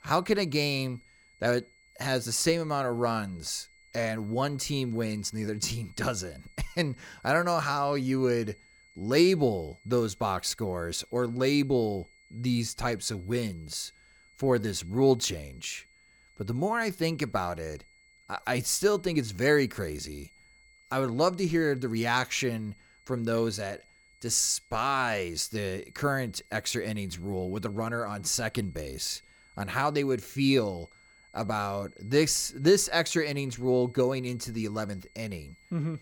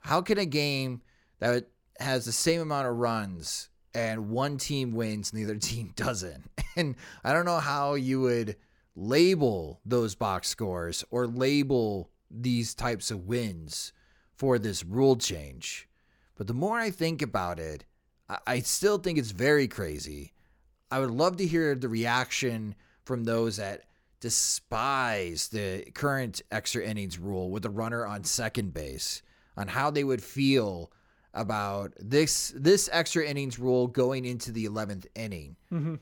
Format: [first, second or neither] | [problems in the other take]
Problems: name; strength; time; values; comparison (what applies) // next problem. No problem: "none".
second | high-pitched whine; faint; throughout; 2 kHz, 30 dB below the speech